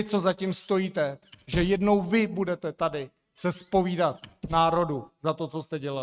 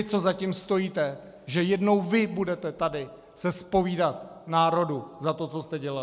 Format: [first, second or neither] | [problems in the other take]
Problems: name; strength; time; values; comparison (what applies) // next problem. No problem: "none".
second | noise reduction (neural mask model RNNoise)